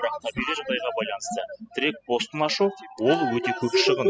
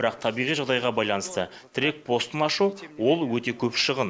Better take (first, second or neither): second